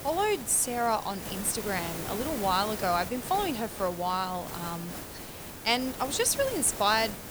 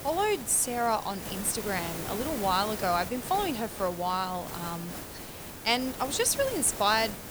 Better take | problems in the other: neither | hiss; loud; throughout; 9 dB below the speech; the same in both

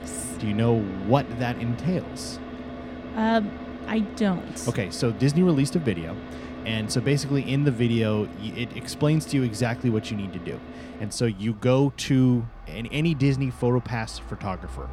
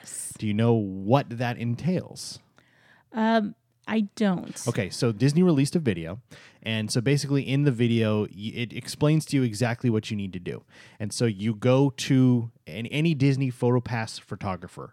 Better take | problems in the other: second | traffic noise; noticeable; throughout; 15 dB below the speech

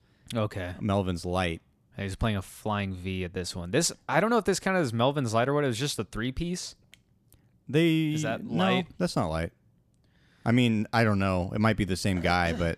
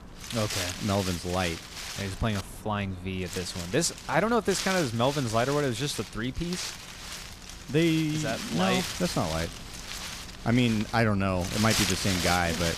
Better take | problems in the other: first | wind noise on the microphone; heavy; 5 dB below the speech

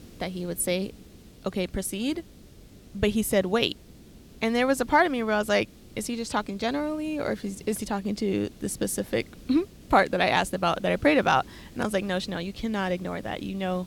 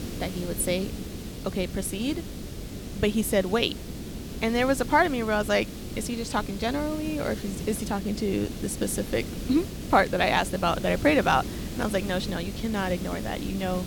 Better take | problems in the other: first | hiss; loud; throughout; 9 dB below the speech; faint in the first

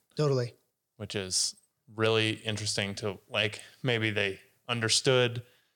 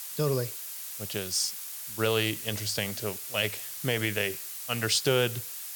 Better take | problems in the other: first | hiss; loud; throughout; 6 dB below the speech

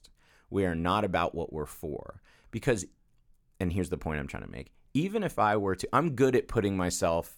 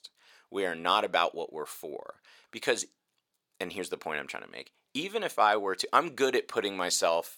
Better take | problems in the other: first | thin; somewhat; fading below 500 Hz

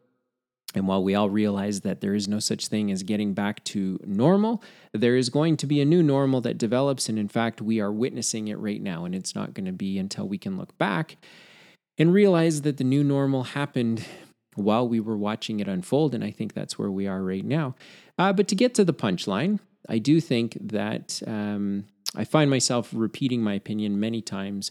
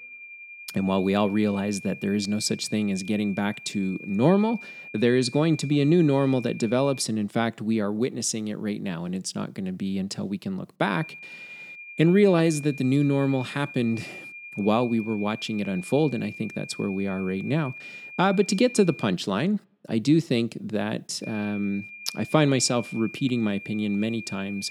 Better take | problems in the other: first | high-pitched whine; noticeable; until 7 s, from 11 to 19 s and from 21 s on; 2.5 kHz, 15 dB below the speech

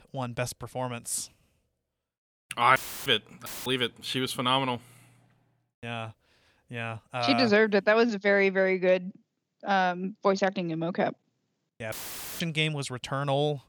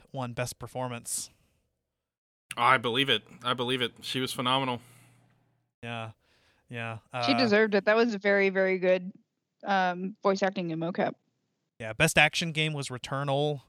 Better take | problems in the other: second | audio cutting out; filled with static; at 3 s, at 3.5 s and at 12 s

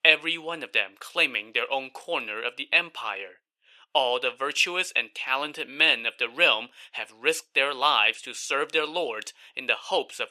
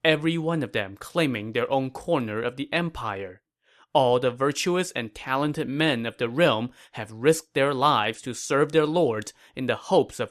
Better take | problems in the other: second | thin; somewhat; fading below 550 Hz

